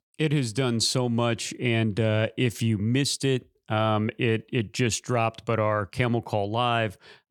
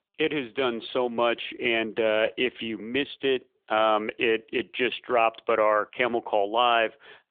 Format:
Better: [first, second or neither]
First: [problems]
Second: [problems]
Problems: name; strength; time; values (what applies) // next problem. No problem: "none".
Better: first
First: none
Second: phone-call audio; nothing above 3 kHz